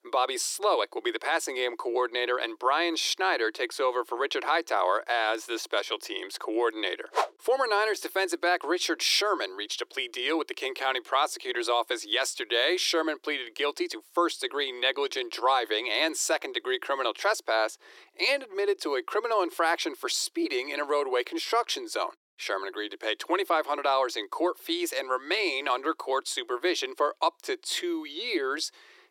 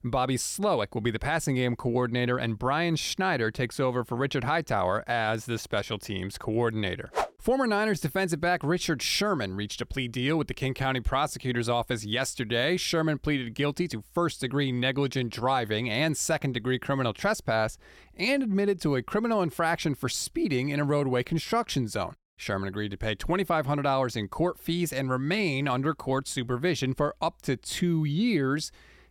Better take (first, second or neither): second